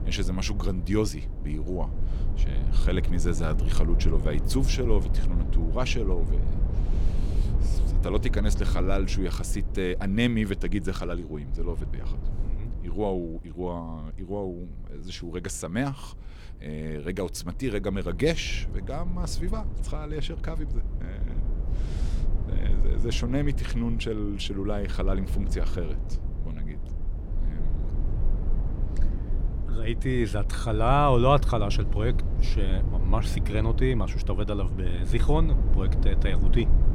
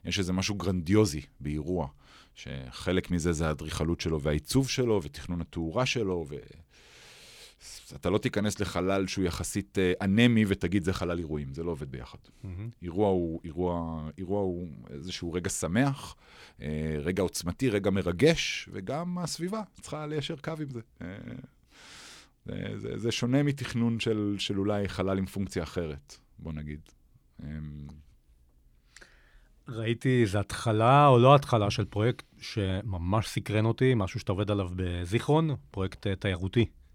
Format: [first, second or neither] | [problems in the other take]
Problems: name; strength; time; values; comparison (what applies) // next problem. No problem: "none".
second | low rumble; noticeable; throughout; 15 dB below the speech